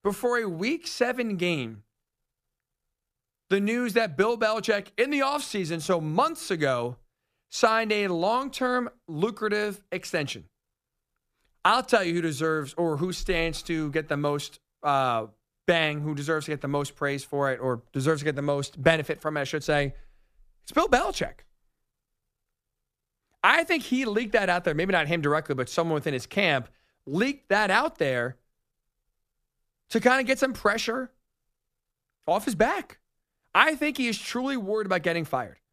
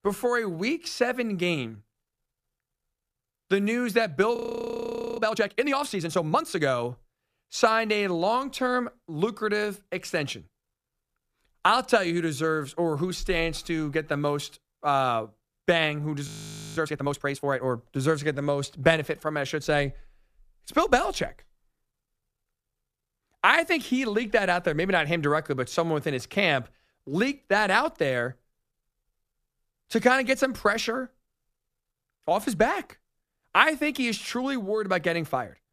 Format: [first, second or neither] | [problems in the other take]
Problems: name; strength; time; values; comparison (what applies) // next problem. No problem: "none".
first | audio freezing; at 4.5 s for 1 s and at 16 s for 0.5 s